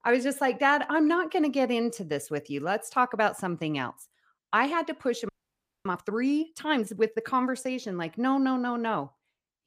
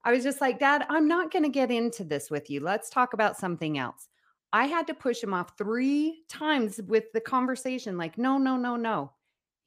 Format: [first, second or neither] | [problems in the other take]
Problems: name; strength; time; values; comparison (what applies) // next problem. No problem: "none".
second | audio freezing; at 5.5 s for 0.5 s